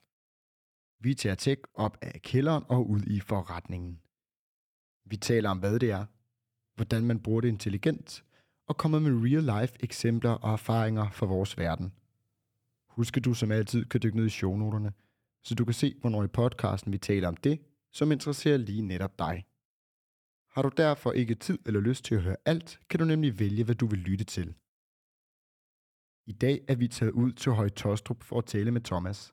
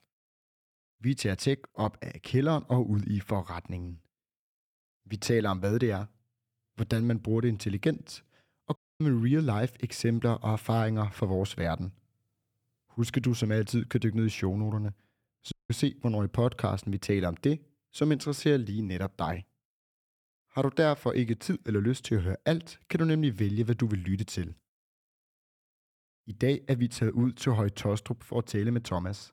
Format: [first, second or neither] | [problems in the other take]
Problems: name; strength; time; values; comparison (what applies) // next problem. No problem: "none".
first | audio cutting out; at 9 s and at 16 s